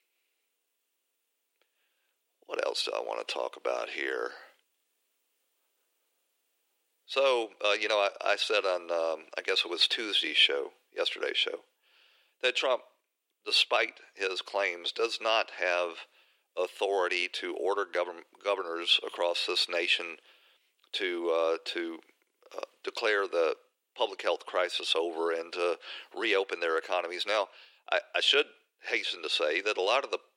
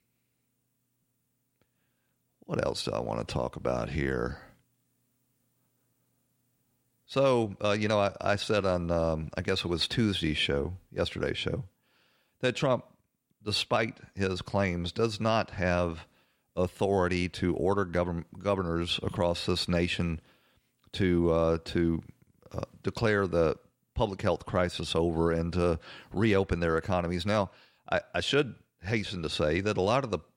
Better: second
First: thin; very; fading below 350 Hz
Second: none

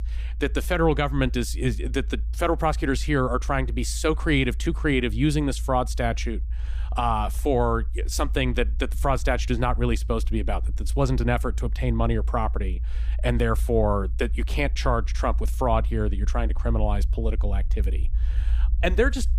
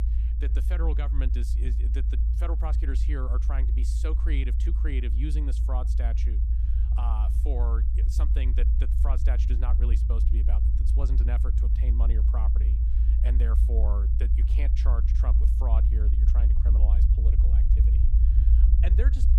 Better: first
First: low rumble; faint; throughout; 25 dB below the speech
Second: low rumble; loud; throughout; 3 dB below the speech

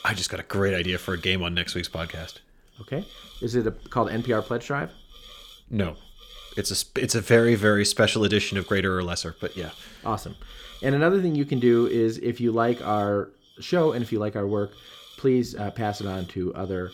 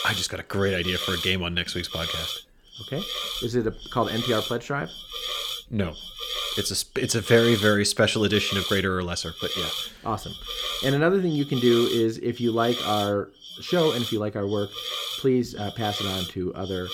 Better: first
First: hiss; faint; throughout; 20 dB below the speech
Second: hiss; loud; throughout; 5 dB below the speech

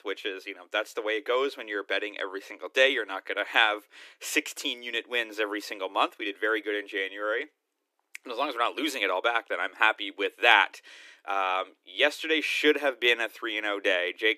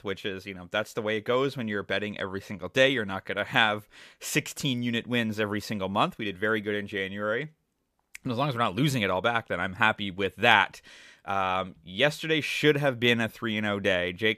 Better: second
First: thin; somewhat; fading below 300 Hz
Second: none

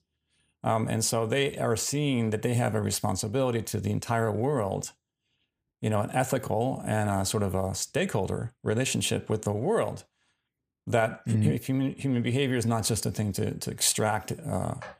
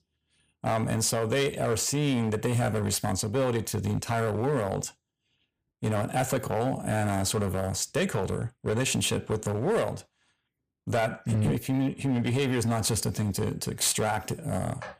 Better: first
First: none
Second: distortion; slight; 8% of the sound clipped

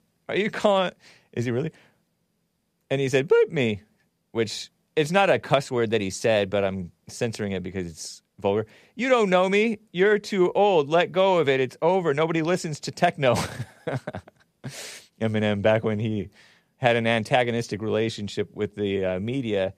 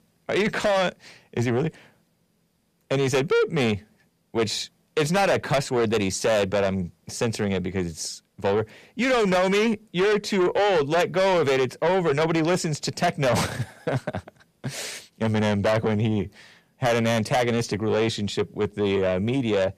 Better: first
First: none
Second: distortion; heavy; 7 dB below the speech

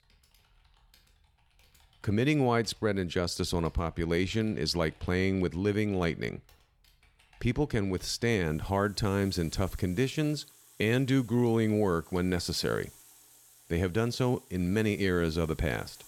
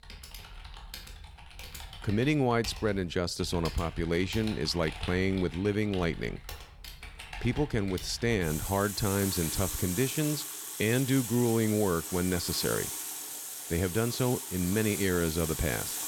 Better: first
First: household noises; faint; throughout; 25 dB below the speech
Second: household noises; loud; throughout; 7 dB below the speech

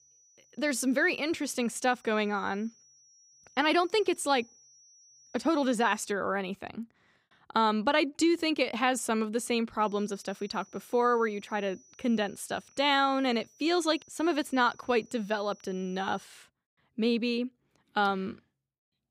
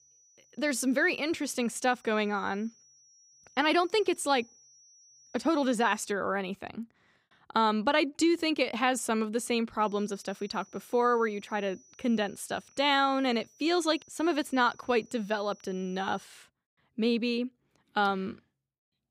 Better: neither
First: high-pitched whine; faint; until 6 s and from 10 to 16 s; 6 kHz, 30 dB below the speech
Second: high-pitched whine; faint; until 6 s and from 10 to 16 s; 6 kHz, 30 dB below the speech

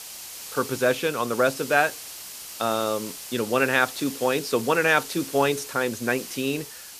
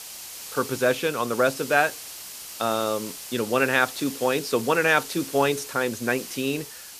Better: neither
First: hiss; noticeable; throughout; 10 dB below the speech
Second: hiss; noticeable; throughout; 10 dB below the speech

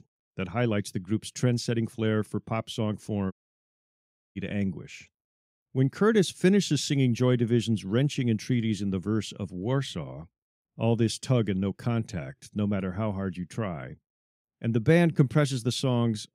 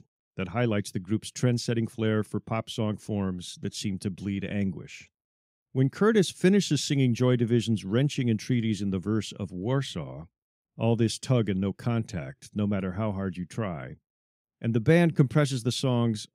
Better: second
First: audio cutting out; at 3.5 s for 1 s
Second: none

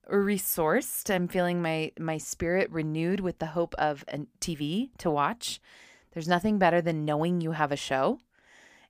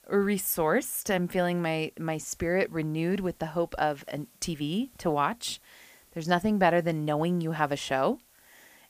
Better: first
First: none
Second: hiss; faint; throughout; 30 dB below the speech

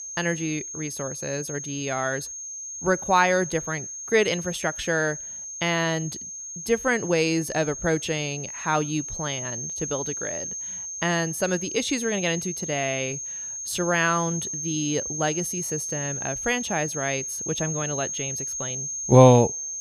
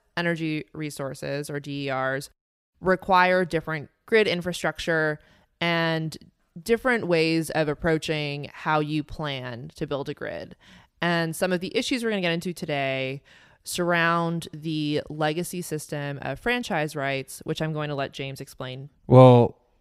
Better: second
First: high-pitched whine; loud; throughout; 6.5 kHz, 5 dB below the speech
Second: none

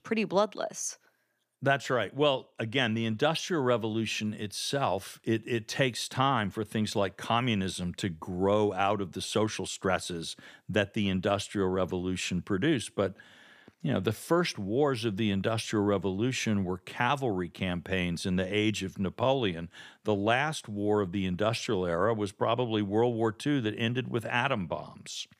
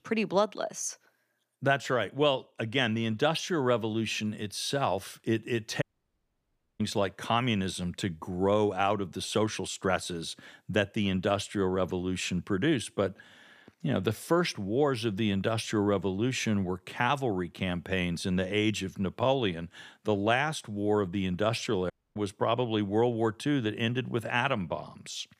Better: first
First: none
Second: audio cutting out; at 6 s for 1 s and at 22 s

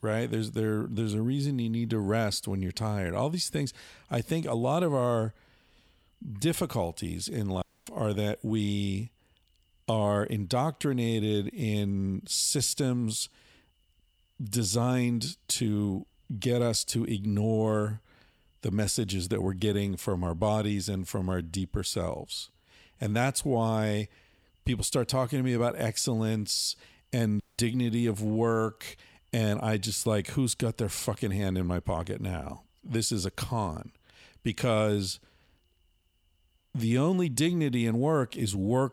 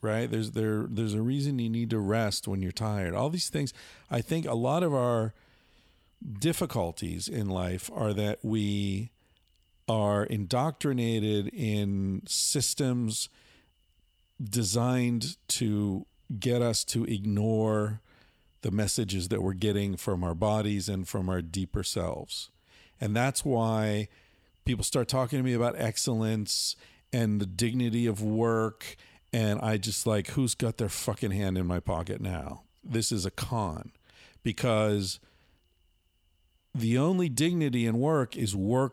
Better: second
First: audio cutting out; at 7.5 s and at 27 s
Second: none

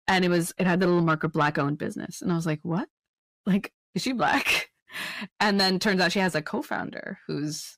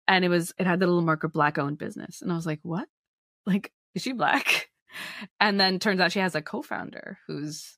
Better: second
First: distortion; slight; 10 dB below the speech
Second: none

